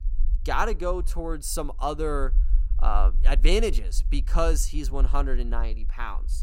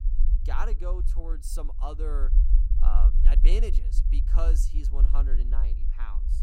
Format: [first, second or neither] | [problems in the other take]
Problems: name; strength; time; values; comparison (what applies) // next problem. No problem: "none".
first | low rumble; loud; throughout; 9 dB below the speech; faint in the first